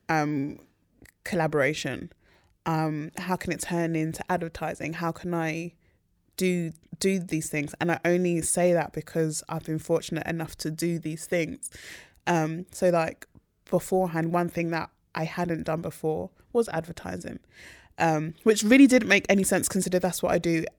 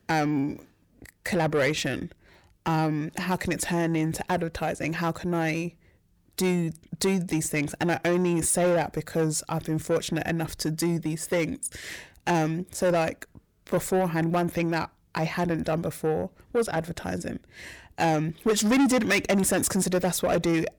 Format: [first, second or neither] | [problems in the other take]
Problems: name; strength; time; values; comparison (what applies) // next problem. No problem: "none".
first | distortion; heavy; 8 dB below the speech